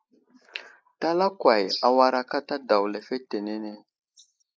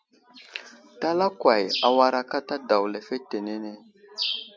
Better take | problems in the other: second | noise reduction (neural mask model Resemble Enhance denoiser)

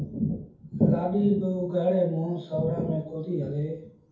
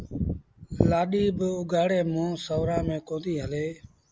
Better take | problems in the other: second | room echo; dies away in 0.6 s

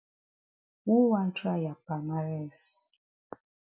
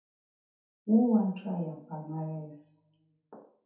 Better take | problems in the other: first | room echo; dies away in 0.6 s

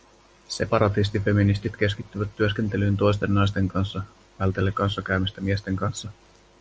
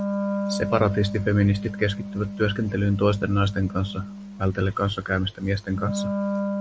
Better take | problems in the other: first | background sound (Wind instrument, woodwind instrument); 6 dB below the speech

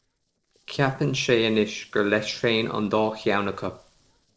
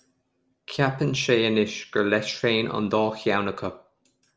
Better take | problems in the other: second | noise reduction (neural separator model SepFormer DNS4)

